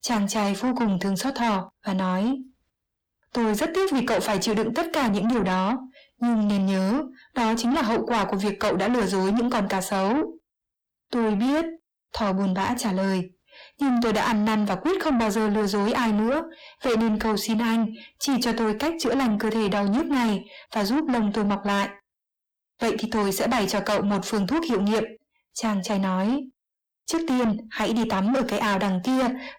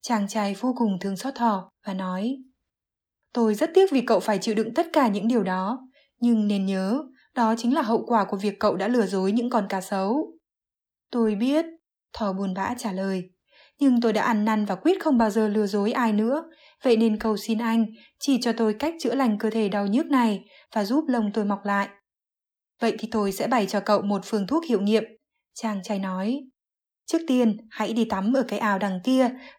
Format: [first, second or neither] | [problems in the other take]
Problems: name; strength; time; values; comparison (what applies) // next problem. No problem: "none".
second | distortion; heavy; 6 dB below the speech